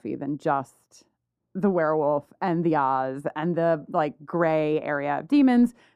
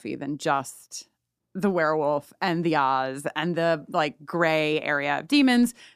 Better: second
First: muffled; very; fading above 2 kHz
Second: none

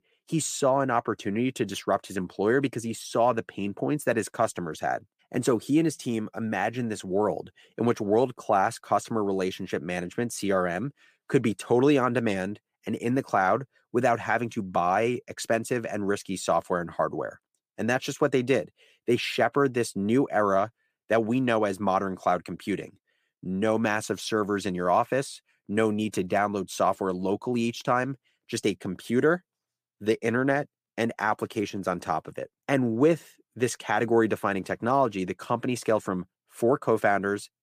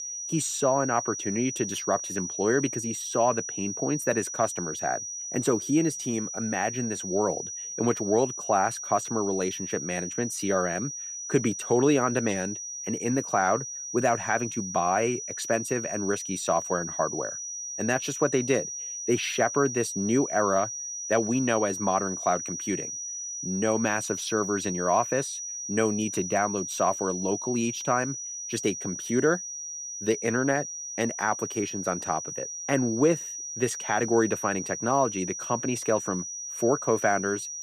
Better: first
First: none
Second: high-pitched whine; loud; throughout; 6 kHz, 5 dB below the speech

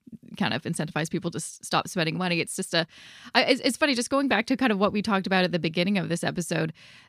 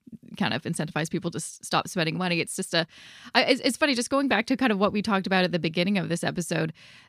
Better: neither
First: none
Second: none

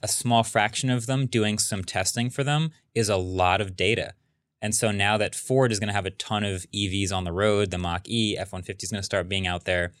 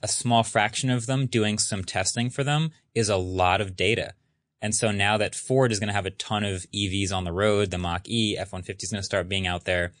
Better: first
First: none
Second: garbled, watery; slightly

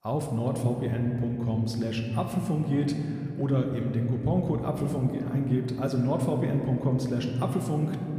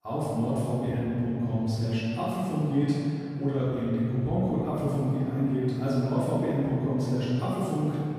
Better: first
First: room echo; slight; dies away in 2.8 s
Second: room echo; strong; dies away in 2.4 s // off-mic speech; far

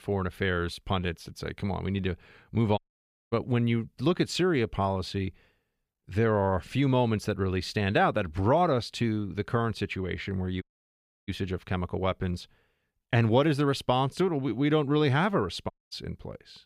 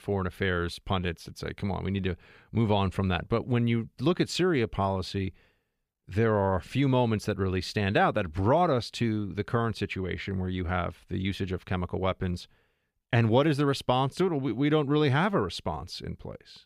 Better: second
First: audio cutting out; at 3 s for 0.5 s, at 11 s for 0.5 s and at 16 s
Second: none

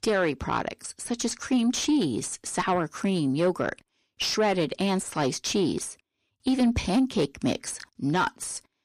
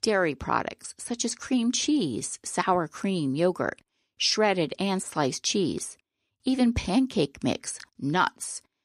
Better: second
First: distortion; slight; 10 dB below the speech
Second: none

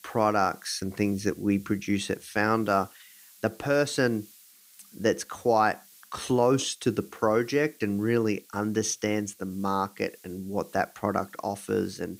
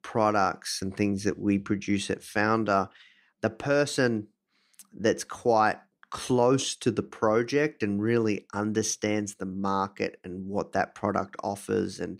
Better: second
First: hiss; faint; throughout; 25 dB below the speech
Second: none

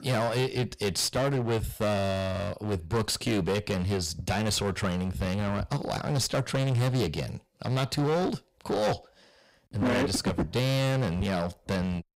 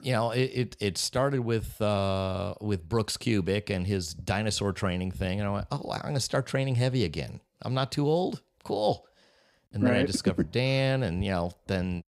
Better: second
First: distortion; heavy; 17% of the sound clipped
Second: none

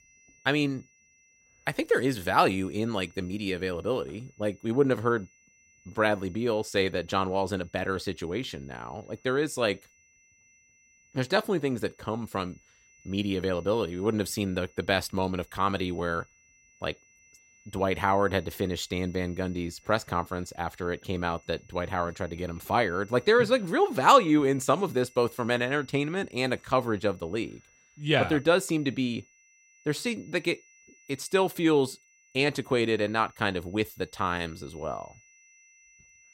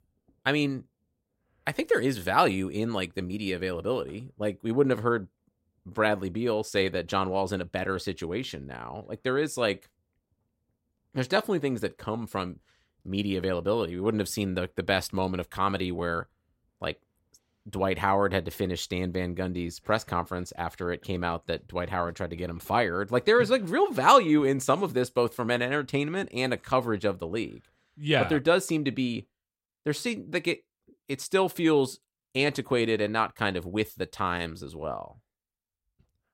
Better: second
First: high-pitched whine; faint; throughout; 6 kHz, 30 dB below the speech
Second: none

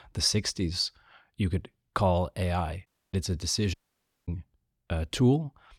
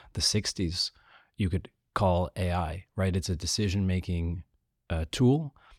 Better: second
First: audio cutting out; at 3 s and at 3.5 s for 0.5 s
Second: none

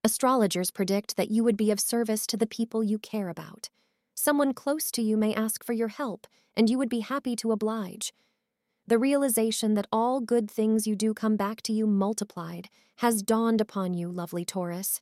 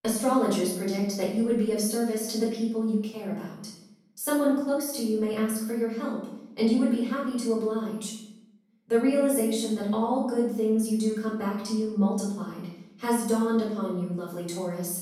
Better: first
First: none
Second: room echo; noticeable; dies away in 0.7 s // off-mic speech; far

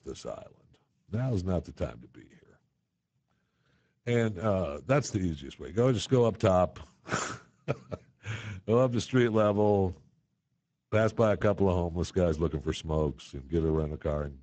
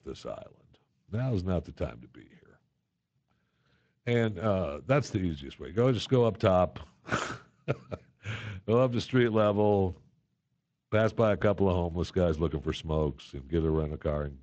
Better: second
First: garbled, watery; badly; nothing above 7.5 kHz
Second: garbled, watery; slightly; nothing above 7.5 kHz

